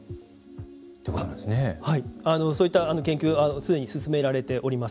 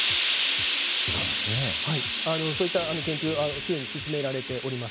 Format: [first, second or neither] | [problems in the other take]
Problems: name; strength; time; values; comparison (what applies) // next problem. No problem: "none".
first | background sound (Hiss); 2 dB above the speech